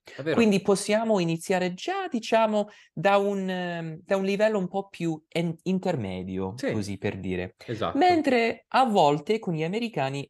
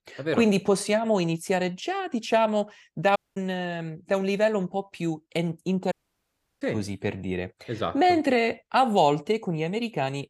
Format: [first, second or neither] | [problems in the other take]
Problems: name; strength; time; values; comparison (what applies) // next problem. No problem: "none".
first | audio cutting out; at 3 s and at 6 s for 0.5 s